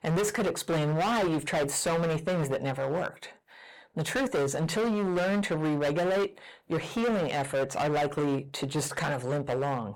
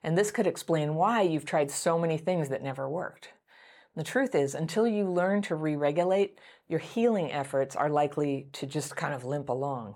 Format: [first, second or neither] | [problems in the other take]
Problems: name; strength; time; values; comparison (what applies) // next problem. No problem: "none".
second | distortion; heavy; 24% of the sound clipped